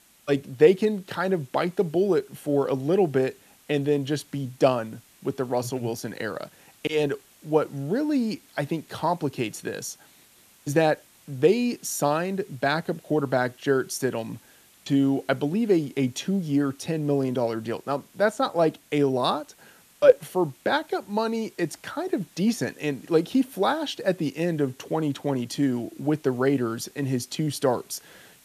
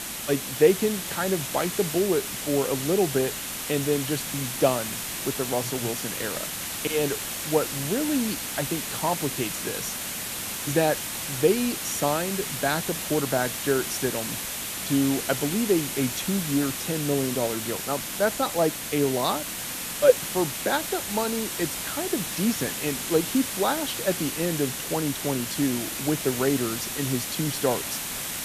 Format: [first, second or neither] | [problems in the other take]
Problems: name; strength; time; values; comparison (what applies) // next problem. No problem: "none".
first | hiss; loud; throughout; 3 dB below the speech; faint in the first